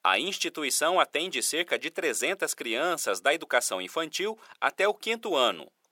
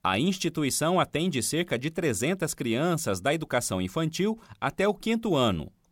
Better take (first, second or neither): second